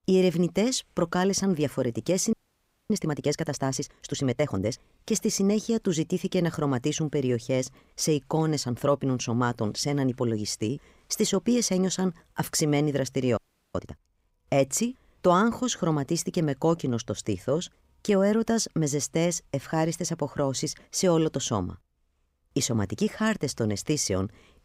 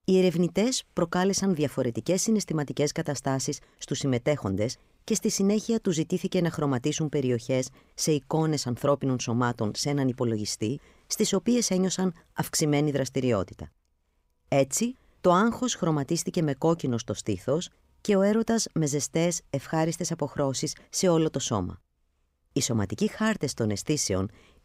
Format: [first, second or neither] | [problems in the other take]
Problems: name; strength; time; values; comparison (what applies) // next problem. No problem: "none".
second | audio freezing; at 2.5 s for 0.5 s and at 13 s